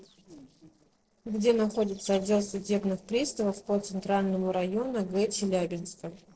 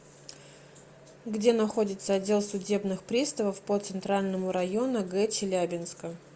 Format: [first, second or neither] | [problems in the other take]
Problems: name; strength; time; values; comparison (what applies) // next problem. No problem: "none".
second | noise reduction (neural separator model SepFormer DNS4)